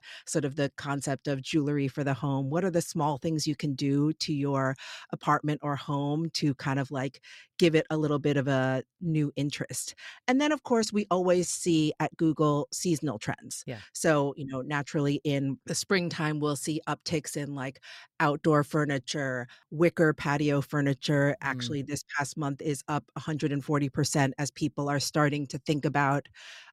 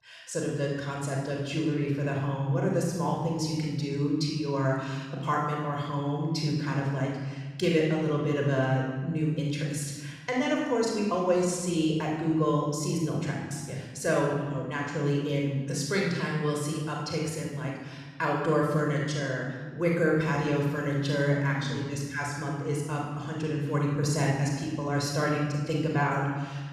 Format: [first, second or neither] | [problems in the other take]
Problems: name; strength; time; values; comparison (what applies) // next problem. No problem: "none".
first | off-mic speech; somewhat distant // room echo; noticeable; dies away in 1.4 s